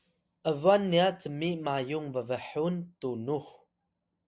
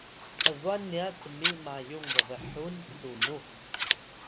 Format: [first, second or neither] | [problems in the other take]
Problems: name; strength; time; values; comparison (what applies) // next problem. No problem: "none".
first | background sound (Scissors); 5 dB above the speech